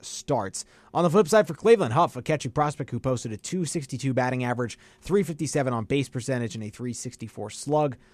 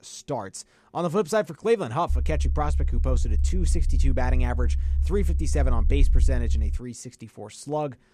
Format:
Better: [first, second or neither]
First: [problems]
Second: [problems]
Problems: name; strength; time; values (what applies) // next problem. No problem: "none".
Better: first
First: none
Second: low rumble; noticeable; from 2 to 7 s; 15 dB below the speech